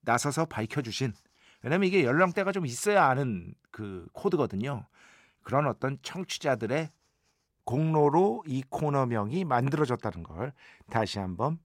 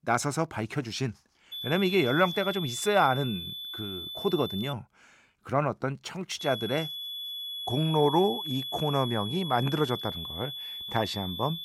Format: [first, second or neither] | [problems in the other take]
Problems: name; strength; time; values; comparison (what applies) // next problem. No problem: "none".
first | high-pitched whine; loud; from 1.5 to 4.5 s and from 6.5 s on; 3.5 kHz, 6 dB below the speech